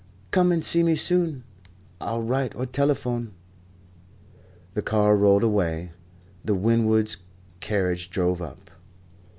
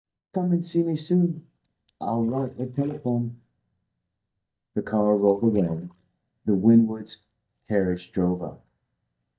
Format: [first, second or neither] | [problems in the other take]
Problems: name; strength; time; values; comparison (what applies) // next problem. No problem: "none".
first | noise reduction (neural mask model DeepFilterNet 3)